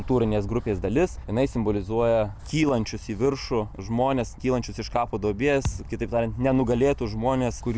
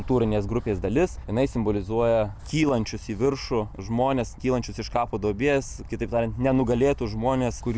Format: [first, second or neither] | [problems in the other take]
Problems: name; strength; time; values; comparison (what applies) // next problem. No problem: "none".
second | background sound (Thump, thud); 10 dB below the speech